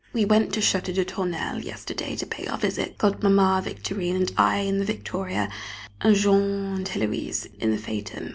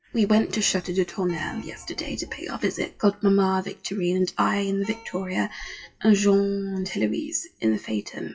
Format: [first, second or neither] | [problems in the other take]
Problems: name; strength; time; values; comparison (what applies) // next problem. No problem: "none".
first | noise reduction (classical method WPE with log-MMSE)